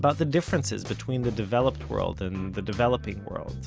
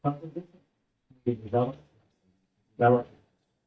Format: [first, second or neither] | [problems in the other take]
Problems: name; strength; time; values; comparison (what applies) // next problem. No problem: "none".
first | noise reduction (neural mask model DeepFilterNet 3)